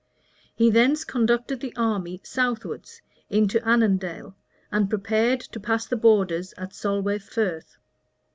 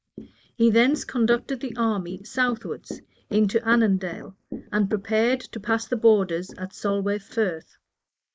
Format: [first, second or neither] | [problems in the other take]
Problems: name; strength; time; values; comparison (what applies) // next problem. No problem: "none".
first | noise reduction (neural mask model Resemble Enhance denoiser)